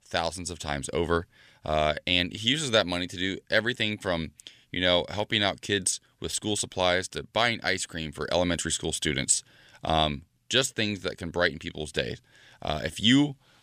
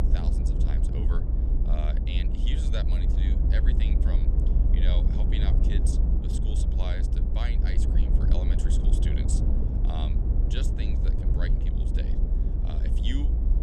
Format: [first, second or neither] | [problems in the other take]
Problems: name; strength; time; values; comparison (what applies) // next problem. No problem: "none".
first | low rumble; loud; throughout; as loud as the speech